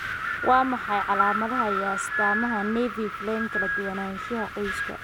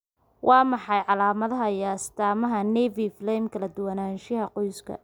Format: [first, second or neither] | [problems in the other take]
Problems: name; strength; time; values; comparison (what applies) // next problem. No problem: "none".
second | background sound (Wind); 1 dB below the speech